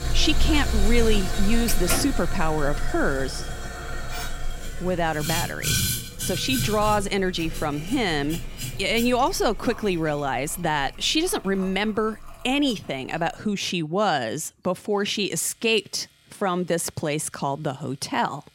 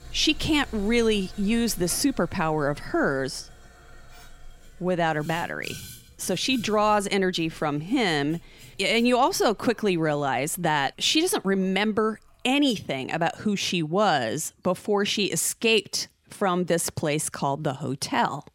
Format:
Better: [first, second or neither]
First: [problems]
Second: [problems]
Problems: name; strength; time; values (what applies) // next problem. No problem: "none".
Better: second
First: household noises; loud; throughout; 5 dB below the speech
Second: household noises; faint; throughout; 20 dB below the speech